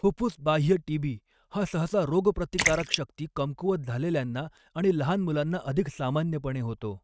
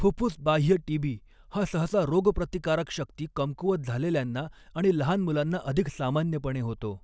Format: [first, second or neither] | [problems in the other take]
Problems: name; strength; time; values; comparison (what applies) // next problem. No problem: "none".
second | noise reduction (neural mask model RNNoise)